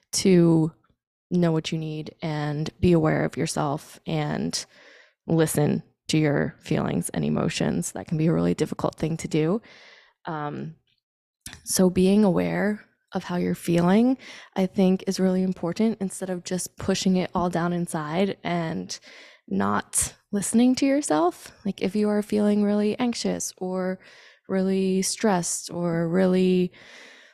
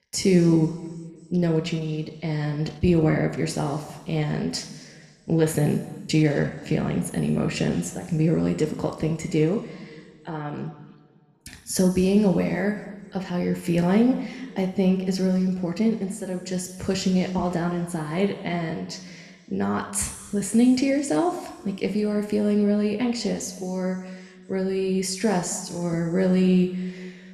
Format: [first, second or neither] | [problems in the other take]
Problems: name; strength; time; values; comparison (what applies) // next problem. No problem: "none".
first | room echo; slight; dies away in 1.6 s